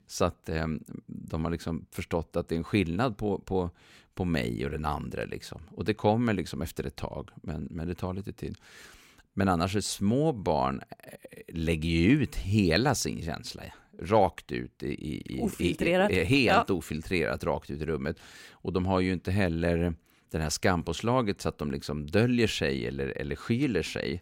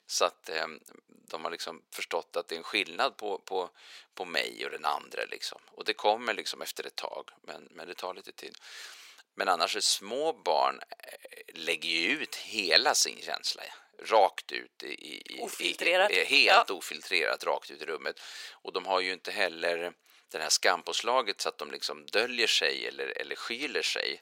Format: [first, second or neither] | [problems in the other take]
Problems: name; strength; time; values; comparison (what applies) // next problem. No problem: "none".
first | thin; very; fading below 550 Hz